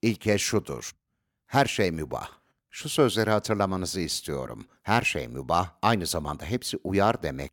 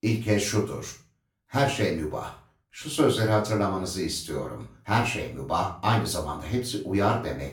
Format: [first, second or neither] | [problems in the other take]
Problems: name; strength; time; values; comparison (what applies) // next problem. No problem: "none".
first | room echo; slight; dies away in 0.3 s // off-mic speech; far